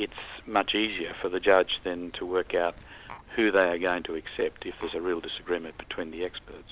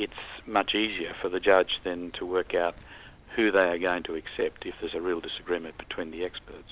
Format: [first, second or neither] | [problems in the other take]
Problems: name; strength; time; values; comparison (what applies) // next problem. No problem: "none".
second | background sound (Tap); 18 dB below the speech